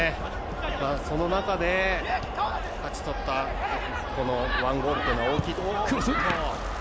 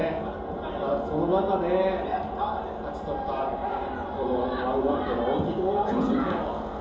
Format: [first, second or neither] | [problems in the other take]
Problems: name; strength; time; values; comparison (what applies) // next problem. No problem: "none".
first | room echo; dies away in 2.8 s